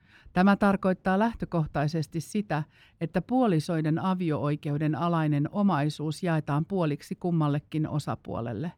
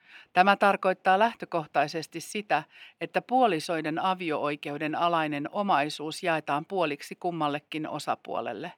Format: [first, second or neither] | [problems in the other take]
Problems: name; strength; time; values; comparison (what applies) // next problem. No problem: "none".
first | thin; somewhat; fading below 400 Hz